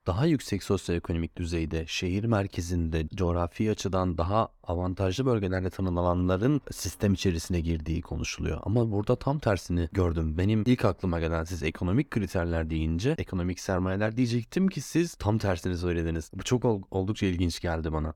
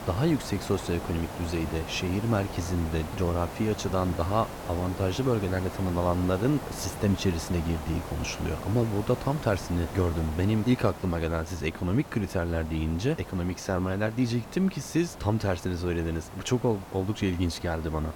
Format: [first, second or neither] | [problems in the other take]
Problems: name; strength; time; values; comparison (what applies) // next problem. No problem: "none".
first | hiss; noticeable; throughout; 10 dB below the speech